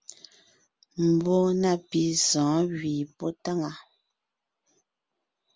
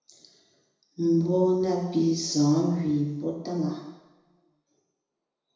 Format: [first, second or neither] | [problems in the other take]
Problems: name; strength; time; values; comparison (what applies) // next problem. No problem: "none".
first | room echo; dies away in 1 s